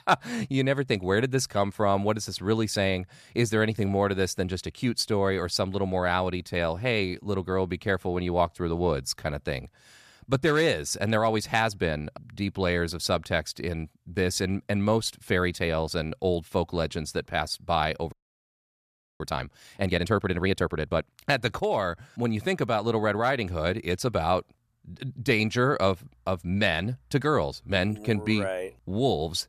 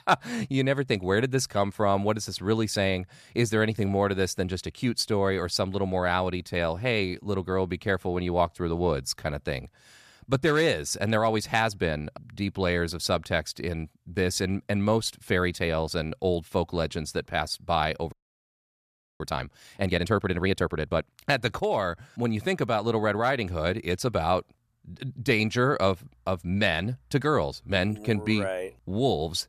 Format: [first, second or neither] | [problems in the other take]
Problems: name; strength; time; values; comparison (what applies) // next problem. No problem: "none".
neither | audio freezing; at 18 s for 1 s; the same in both